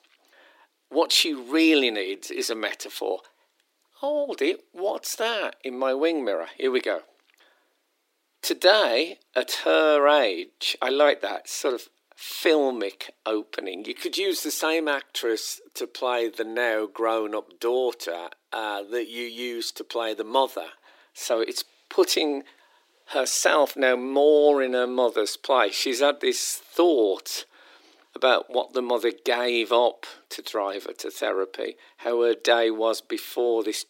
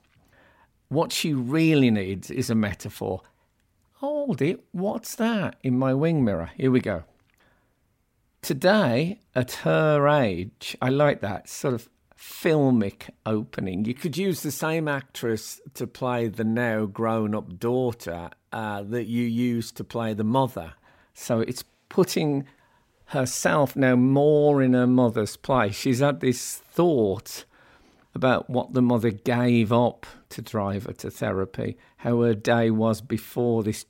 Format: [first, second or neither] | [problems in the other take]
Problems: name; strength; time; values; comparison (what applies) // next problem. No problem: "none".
second | thin; very; fading below 300 Hz